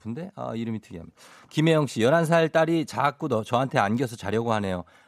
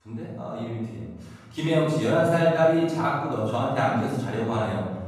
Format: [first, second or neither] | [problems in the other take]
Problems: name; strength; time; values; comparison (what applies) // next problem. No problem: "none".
first | off-mic speech; far // room echo; strong; dies away in 1.4 s